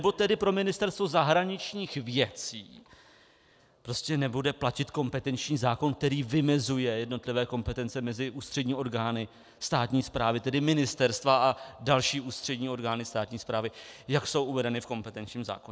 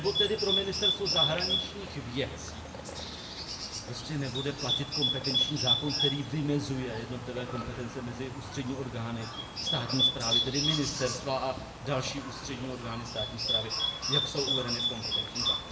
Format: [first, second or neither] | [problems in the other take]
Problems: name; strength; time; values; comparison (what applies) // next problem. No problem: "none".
first | background sound (Bird); 2 dB above the speech // room echo; dies away in 0.6 s